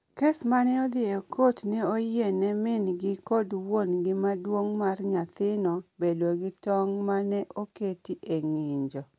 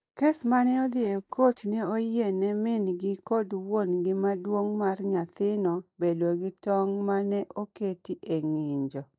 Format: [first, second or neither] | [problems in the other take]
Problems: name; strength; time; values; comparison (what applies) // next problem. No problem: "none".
first | noise reduction (neural mask model DeepFilterNet 3)